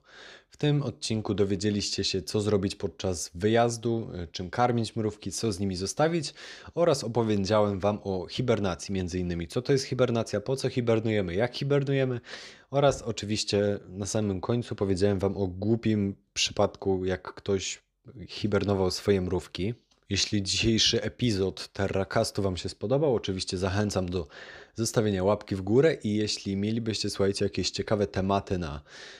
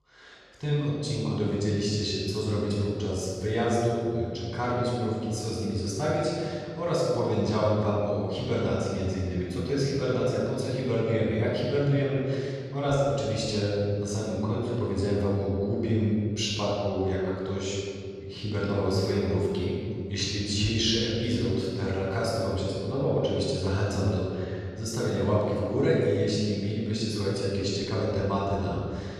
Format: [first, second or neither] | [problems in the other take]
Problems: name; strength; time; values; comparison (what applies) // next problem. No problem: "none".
first | room echo; strong; dies away in 2.2 s // off-mic speech; far